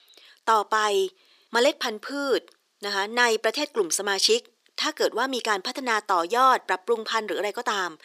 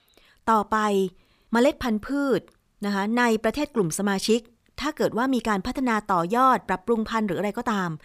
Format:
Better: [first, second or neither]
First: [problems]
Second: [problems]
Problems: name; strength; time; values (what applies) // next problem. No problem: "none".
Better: second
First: thin; somewhat; fading below 350 Hz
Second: none